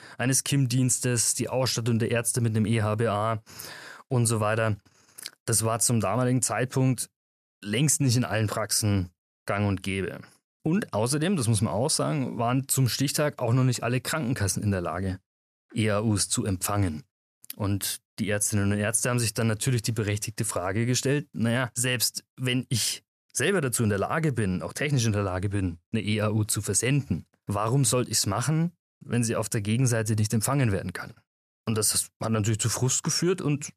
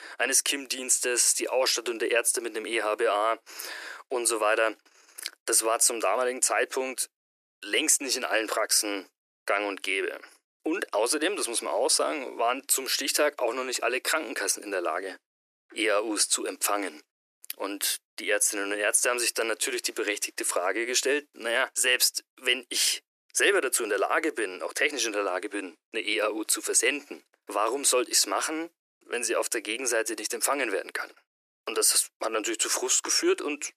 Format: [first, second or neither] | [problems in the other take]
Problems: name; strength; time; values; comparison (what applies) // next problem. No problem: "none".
first | thin; very; fading below 300 Hz